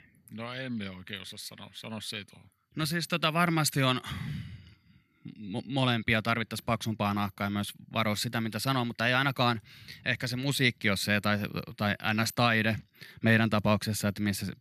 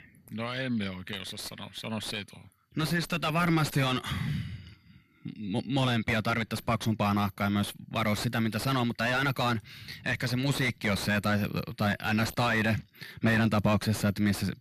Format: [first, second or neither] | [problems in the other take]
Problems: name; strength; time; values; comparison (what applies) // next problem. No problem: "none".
first | distortion; heavy; 6 dB below the speech